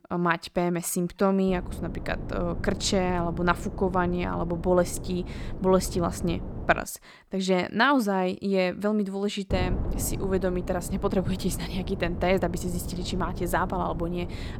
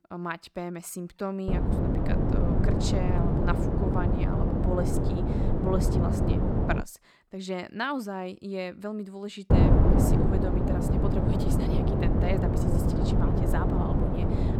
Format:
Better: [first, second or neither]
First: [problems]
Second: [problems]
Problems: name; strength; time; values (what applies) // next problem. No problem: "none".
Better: first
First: wind noise on the microphone; occasional gusts; from 1.5 to 7 s and from 9.5 s on; 15 dB below the speech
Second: wind noise on the microphone; heavy; from 1.5 to 7 s and from 9.5 s on; 3 dB above the speech